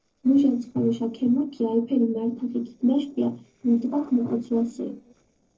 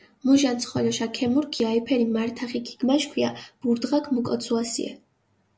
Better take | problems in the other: second | noise reduction (neural separator model SepFormer DNS4)

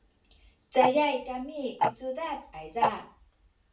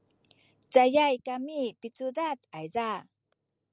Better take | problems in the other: second | background sound (Tick-tock); 3 dB below the speech // room echo; dies away in 0.3 s

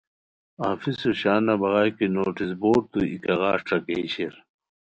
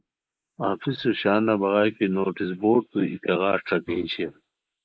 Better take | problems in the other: first | noise reduction (neural mask model Resemble Enhance denoiser)

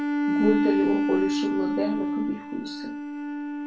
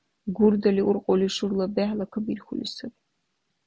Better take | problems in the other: second | background sound (Bowed string instrument); 4 dB above the speech // room echo; dies away in 0.2 s

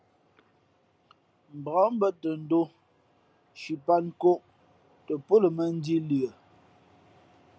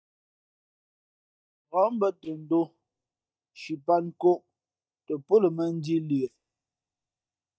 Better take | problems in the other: first | noise reduction (neural mask model DeepFilterNet 3)

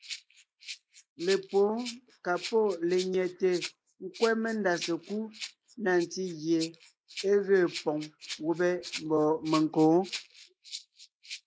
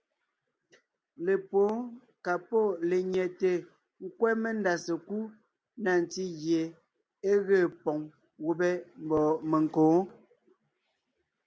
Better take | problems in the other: second | noise reduction (neural mask model Resemble Enhance denoiser)

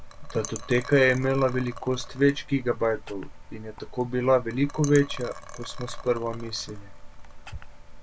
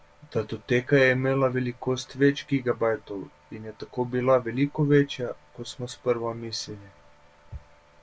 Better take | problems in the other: second | background sound (Liquid); 11 dB below the speech

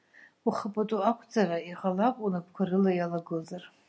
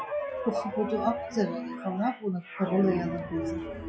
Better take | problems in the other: first | noise reduction (classical method log-MMSE)

